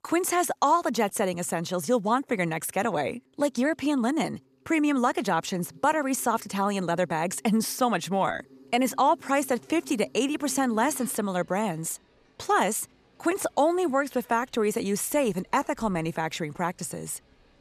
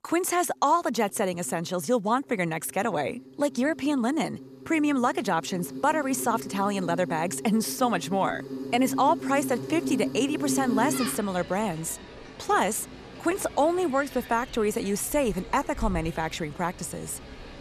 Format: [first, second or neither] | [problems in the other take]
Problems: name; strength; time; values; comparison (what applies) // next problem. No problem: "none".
first | animal sounds; loud; throughout; 10 dB below the speech; faint in the first